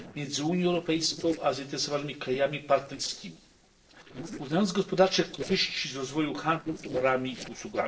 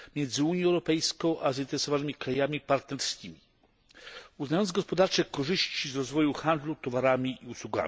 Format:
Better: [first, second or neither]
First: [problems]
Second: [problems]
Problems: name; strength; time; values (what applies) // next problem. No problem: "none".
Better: second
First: noise reduction (neural separator model SepFormer DNS4)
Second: none